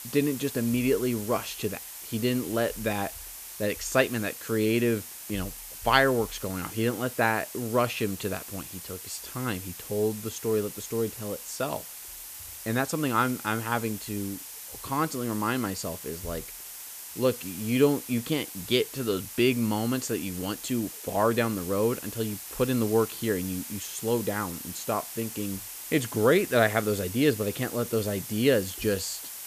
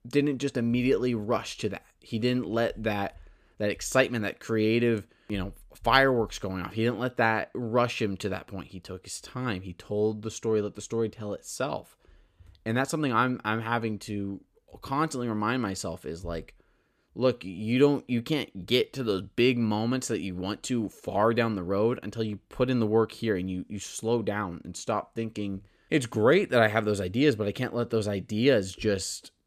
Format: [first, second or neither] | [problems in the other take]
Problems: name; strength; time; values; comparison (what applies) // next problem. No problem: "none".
second | hiss; loud; throughout; 10 dB below the speech